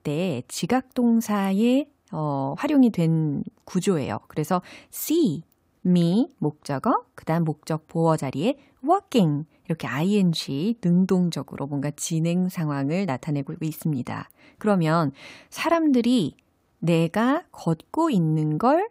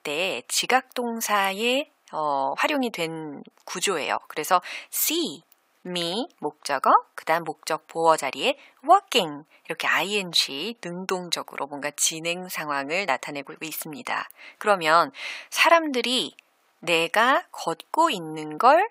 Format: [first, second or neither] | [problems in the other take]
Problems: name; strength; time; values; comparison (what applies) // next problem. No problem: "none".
first | thin; very; fading below 750 Hz